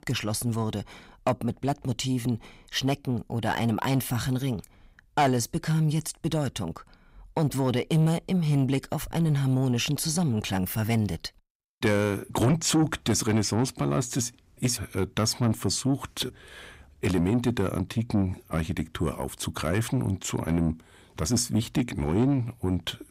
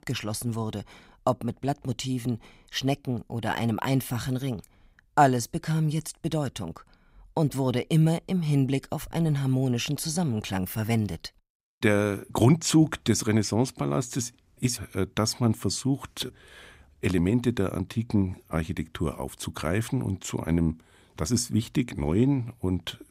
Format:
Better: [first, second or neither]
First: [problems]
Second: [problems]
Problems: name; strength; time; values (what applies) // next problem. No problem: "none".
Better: second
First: distortion; slight; 10 dB below the speech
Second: none